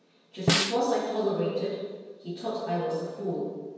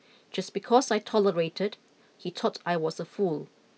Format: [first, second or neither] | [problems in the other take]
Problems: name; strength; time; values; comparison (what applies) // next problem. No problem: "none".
second | background sound (Snare drum); 1 dB above the speech // room echo; dies away in 1.2 s